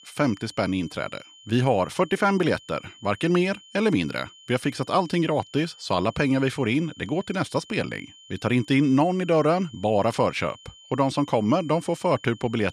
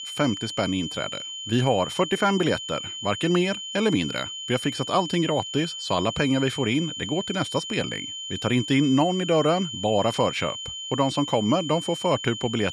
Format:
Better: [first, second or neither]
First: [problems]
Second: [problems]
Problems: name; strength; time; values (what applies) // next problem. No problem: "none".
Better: first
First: high-pitched whine; faint; throughout; 3 kHz, 25 dB below the speech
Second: high-pitched whine; loud; throughout; 3 kHz, 7 dB below the speech